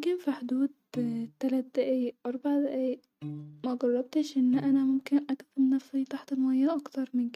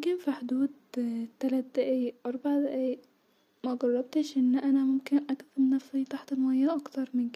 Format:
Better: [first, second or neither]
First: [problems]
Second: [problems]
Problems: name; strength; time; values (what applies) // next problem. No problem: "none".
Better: second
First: noise reduction (neural mask model RNNoise)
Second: none